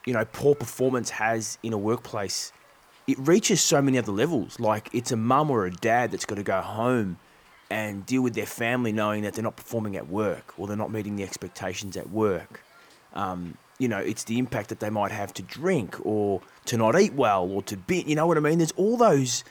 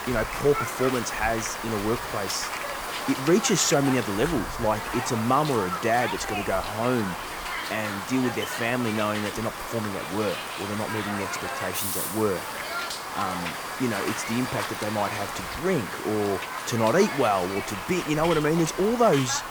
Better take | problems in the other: first | hiss; loud; throughout; 5 dB below the speech; faint in the first

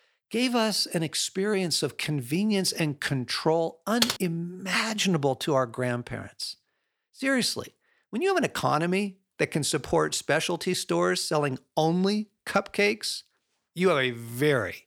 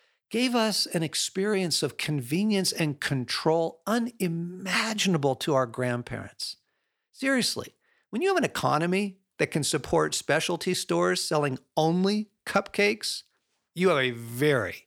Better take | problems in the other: second | keyboard typing; loud; at 4 s; peak level with the speech

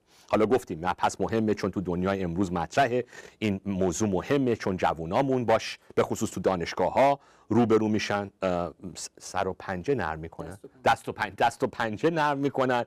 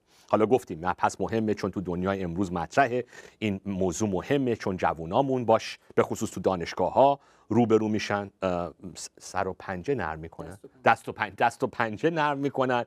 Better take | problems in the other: second | distortion; slight; 2% of the sound clipped

